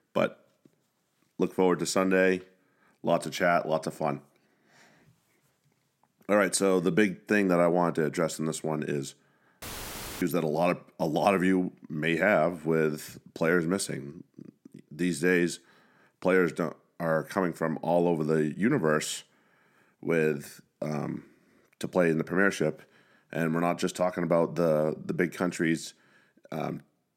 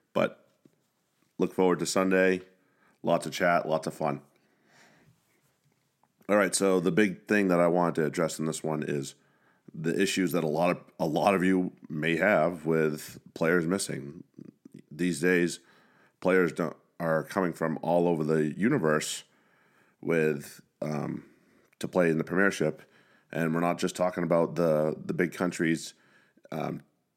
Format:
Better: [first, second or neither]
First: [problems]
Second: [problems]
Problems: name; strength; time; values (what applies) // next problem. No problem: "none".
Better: second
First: audio cutting out; filled with static; at 9.5 s for 0.5 s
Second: none